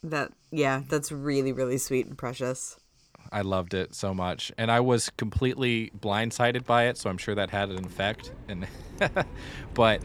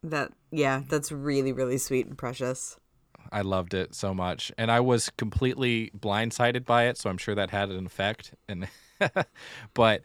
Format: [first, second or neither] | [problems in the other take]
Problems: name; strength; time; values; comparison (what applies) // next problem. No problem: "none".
second | rain or running water; noticeable; throughout; 20 dB below the speech